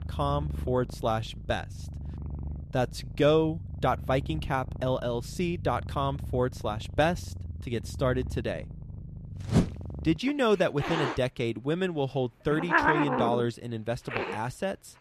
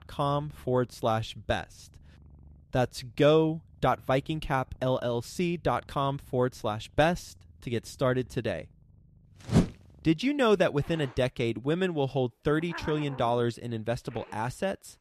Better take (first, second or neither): second